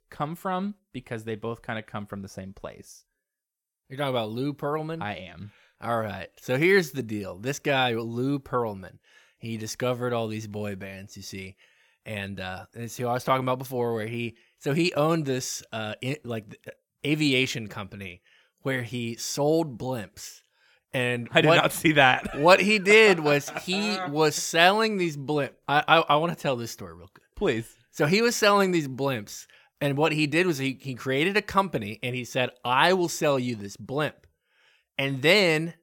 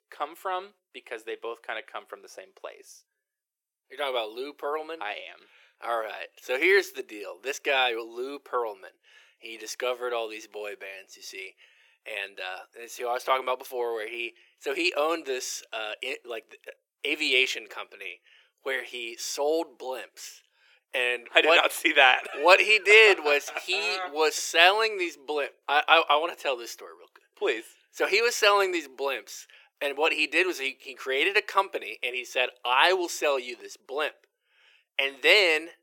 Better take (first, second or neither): first